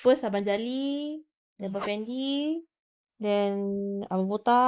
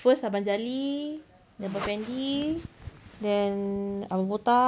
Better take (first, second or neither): second